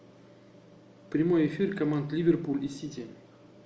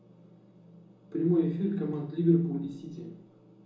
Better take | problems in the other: first | room echo; dies away in 0.6 s

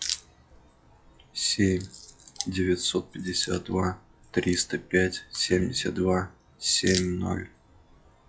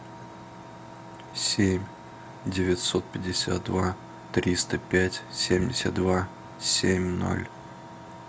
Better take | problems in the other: second | noise reduction (classical method log-MMSE)

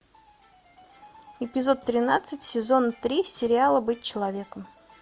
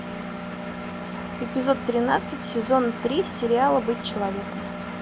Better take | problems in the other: first | background sound (Engine); 7 dB below the speech

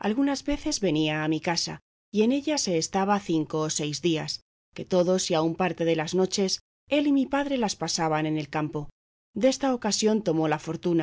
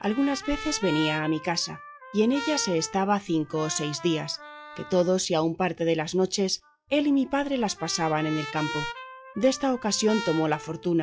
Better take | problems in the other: first | noise reduction (classical method log-MMSE)

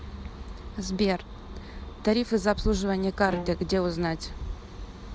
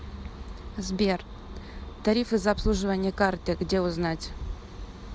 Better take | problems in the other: second | background sound (Bowed string instrument); 11 dB below the speech

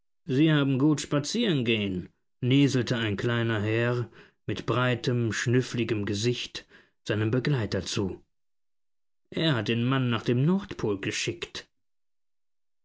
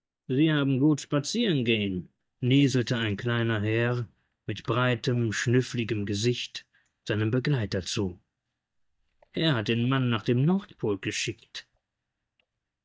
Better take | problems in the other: first | noise reduction (neural mask model DeepFilterNet 3)

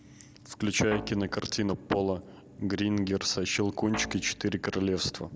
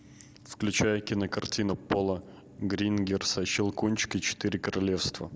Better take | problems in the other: second | background sound (Guitar); 12 dB below the speech

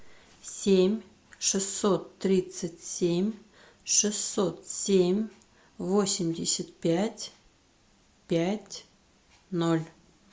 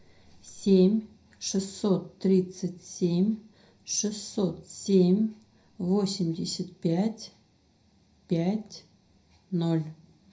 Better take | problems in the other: first | room echo; dies away in 0.5 s

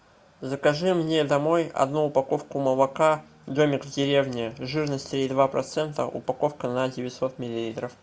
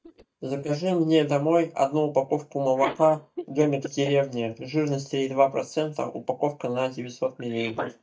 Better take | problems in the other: first | noise reduction (neural mask model DeepFilterNet 3)

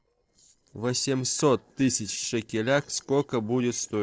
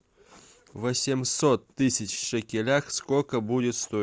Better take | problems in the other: second | noise reduction (neural separator model SepFormer DNS4)

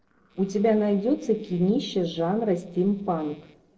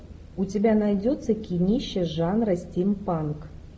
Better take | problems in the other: second | noise reduction (neural separator model SepFormer DNS4)

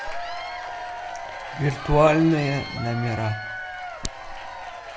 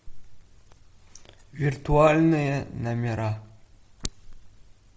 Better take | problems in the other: second | background sound (Applause / Crowd / Cheering); 9 dB below the speech

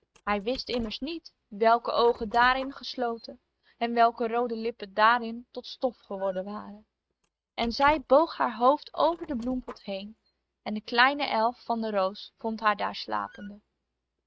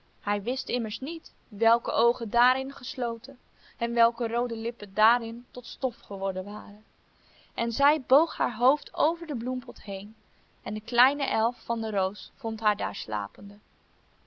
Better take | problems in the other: second | noise reduction (neural mask model RNNoise)

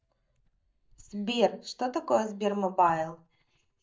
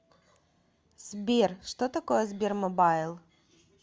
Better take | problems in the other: second | noise reduction (neural mask model DeepFilterNet 3)

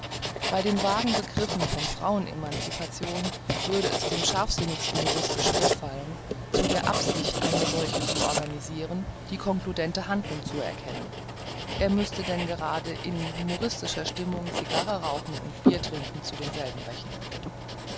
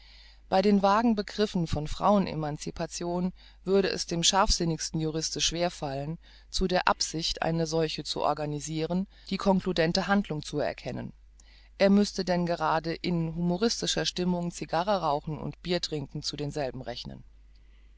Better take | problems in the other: second | background sound (Writing); 1 dB above the speech

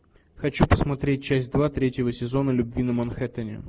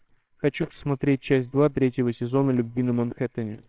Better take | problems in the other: first | noise reduction (neural separator model SepFormer WHAMR!)

